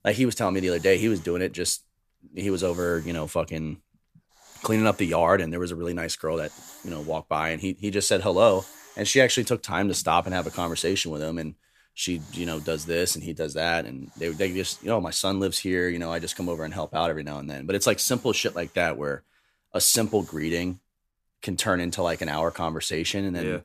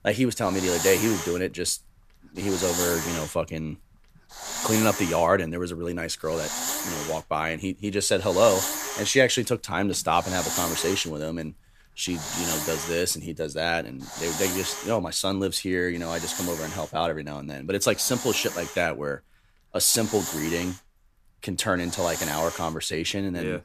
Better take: first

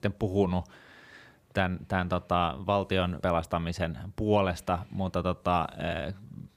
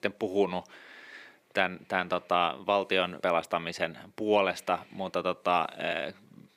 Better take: first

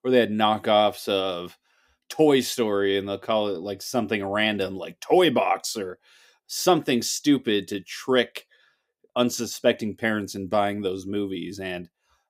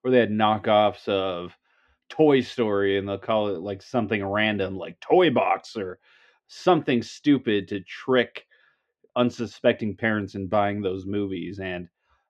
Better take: first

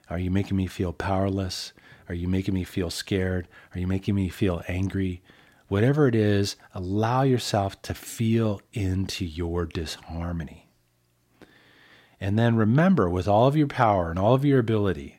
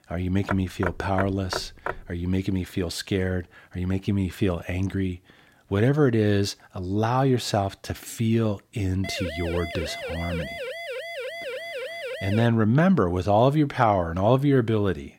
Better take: first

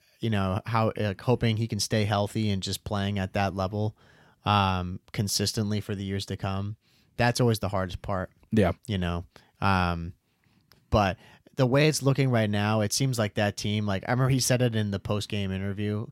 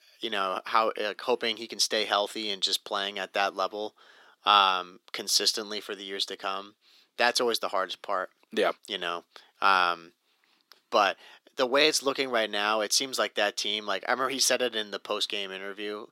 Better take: first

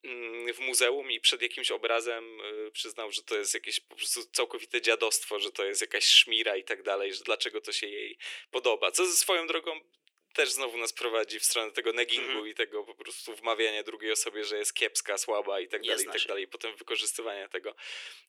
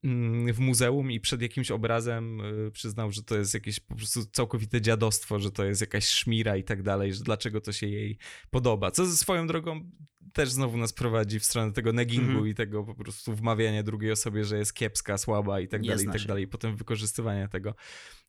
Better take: second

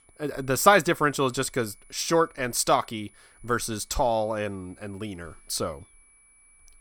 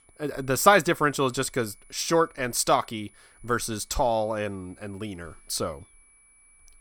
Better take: neither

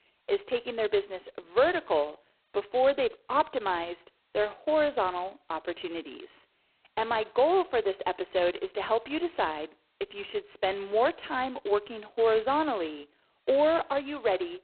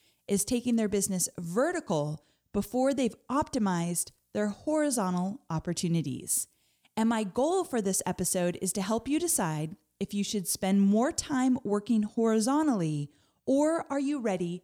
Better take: second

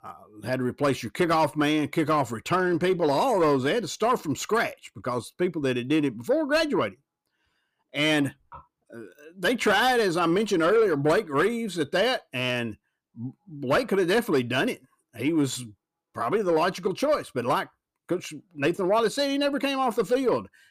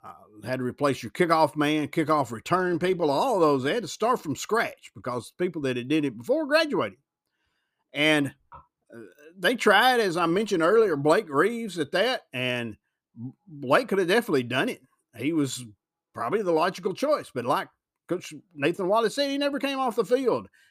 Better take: second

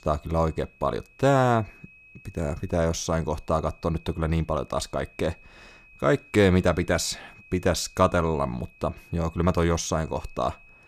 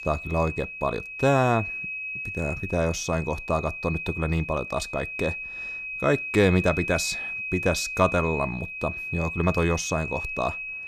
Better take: first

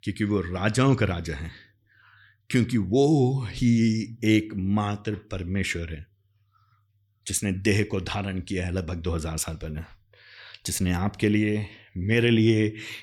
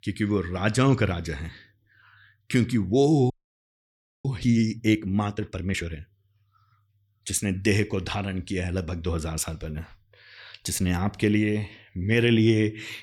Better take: first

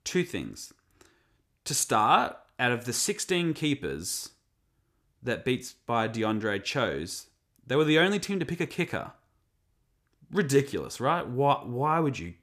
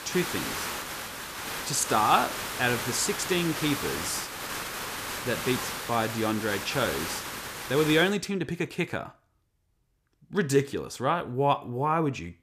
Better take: first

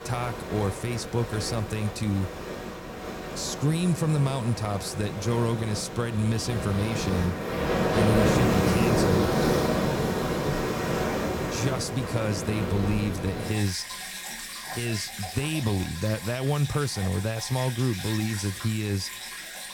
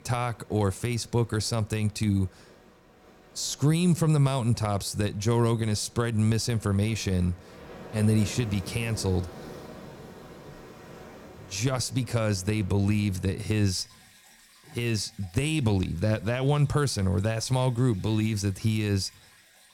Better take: second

